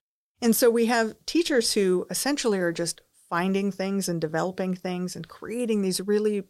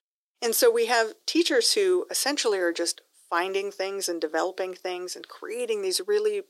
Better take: first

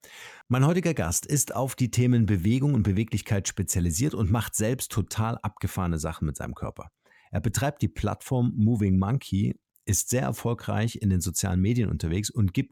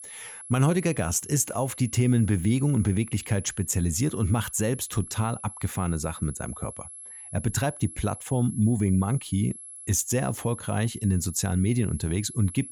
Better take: first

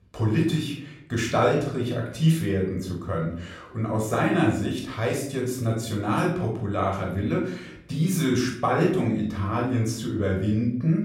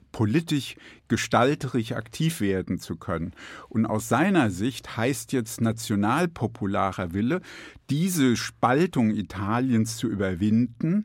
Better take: second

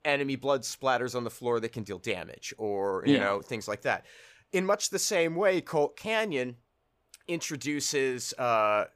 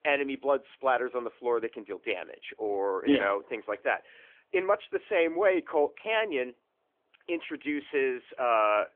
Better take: first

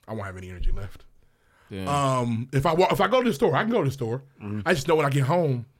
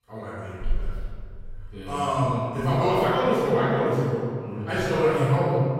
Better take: first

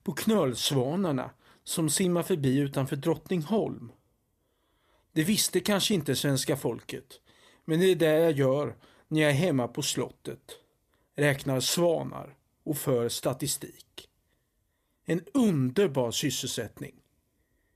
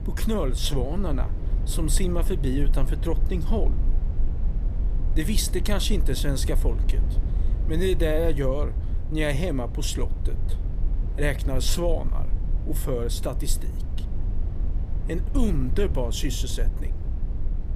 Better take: first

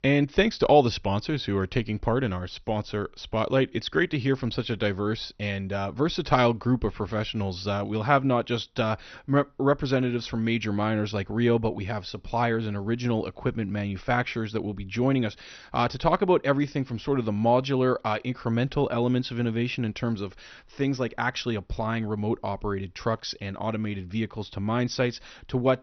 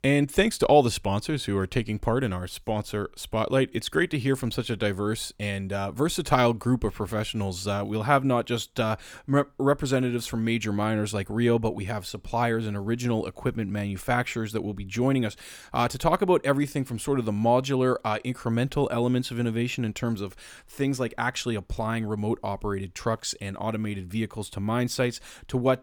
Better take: second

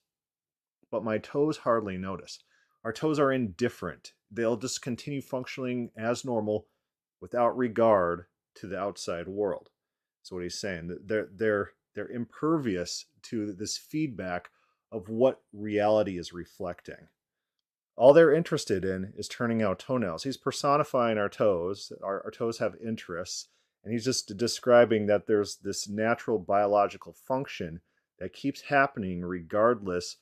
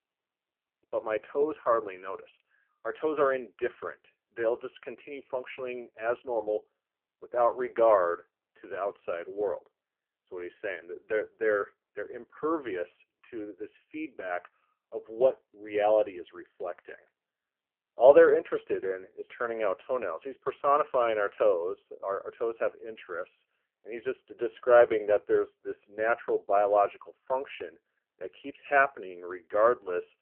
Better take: first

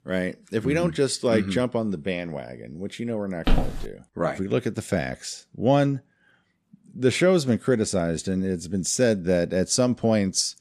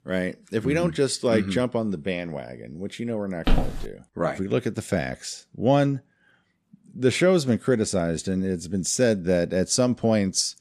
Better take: neither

